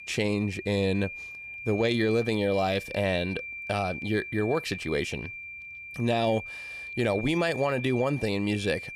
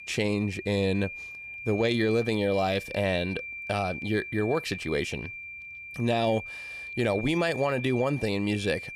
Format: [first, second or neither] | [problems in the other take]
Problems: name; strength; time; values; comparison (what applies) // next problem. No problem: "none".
neither | high-pitched whine; loud; throughout; 2.5 kHz, 9 dB below the speech; the same in both